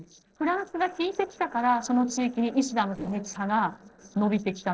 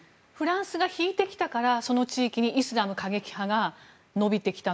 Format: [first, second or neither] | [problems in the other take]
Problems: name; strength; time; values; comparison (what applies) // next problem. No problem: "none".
second | noise reduction (neural separator model SepFormer DNS4)